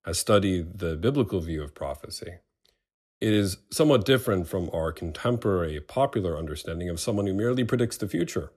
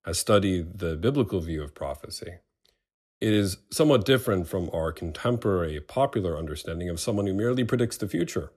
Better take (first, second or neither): neither